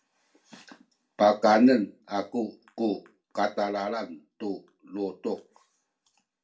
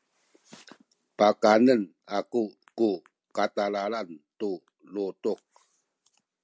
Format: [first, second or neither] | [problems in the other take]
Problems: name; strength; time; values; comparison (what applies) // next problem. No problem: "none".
second | room echo; dies away in 0.2 s